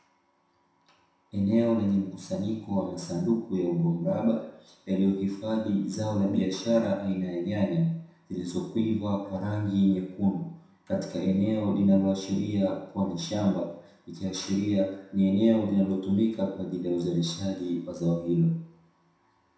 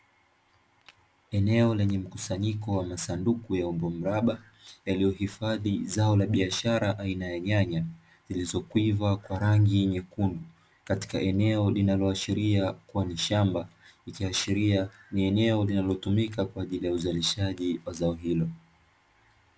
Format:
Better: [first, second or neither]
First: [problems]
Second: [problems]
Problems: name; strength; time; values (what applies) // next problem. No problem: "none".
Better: second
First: room echo; dies away in 0.7 s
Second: none